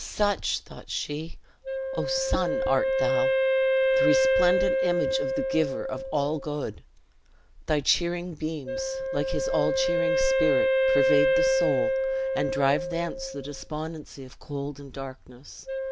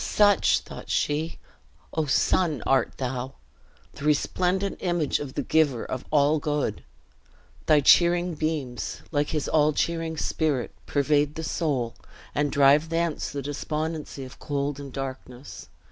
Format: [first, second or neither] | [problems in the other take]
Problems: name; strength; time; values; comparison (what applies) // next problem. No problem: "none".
second | background sound (Wind instrument, woodwind instrument); 3 dB above the speech